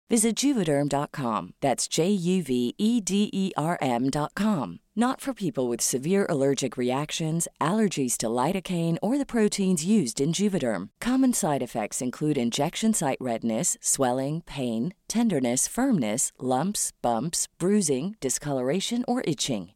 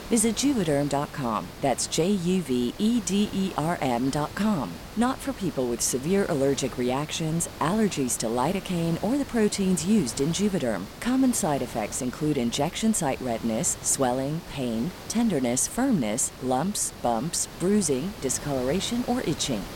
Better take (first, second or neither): first